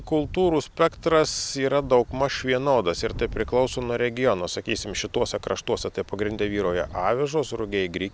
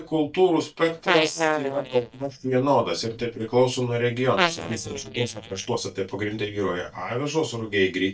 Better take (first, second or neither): first